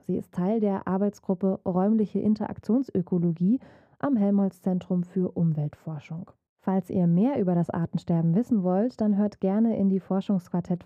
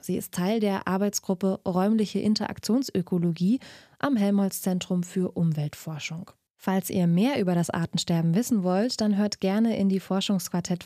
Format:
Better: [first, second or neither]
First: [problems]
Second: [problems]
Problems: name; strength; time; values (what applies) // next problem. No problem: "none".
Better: second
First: muffled; very; fading above 2 kHz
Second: none